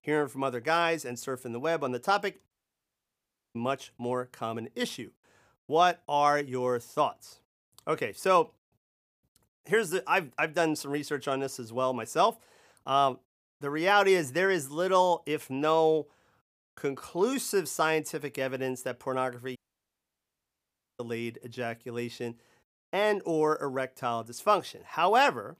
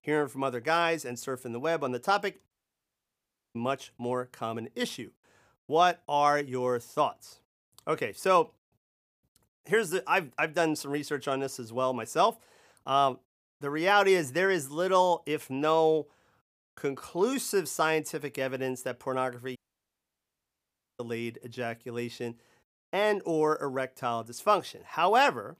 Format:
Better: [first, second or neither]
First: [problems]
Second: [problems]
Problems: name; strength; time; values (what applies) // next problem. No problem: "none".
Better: neither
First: audio cutting out; at 2.5 s for 1 s and at 20 s for 1.5 s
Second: audio cutting out; at 2.5 s for 1 s and at 20 s for 1.5 s